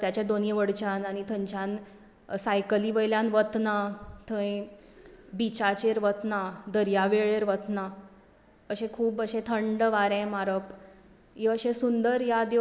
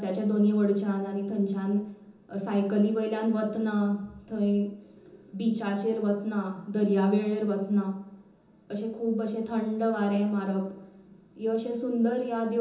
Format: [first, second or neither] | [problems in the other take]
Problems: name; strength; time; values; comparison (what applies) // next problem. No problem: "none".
first | room echo; dies away in 0.6 s